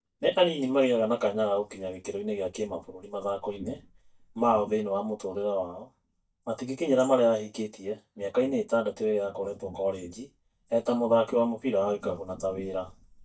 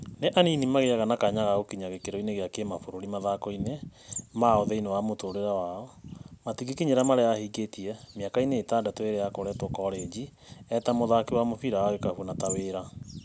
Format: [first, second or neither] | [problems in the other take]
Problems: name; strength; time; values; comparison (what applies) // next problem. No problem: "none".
second | noise reduction (neural mask model DeepFilterNet 3)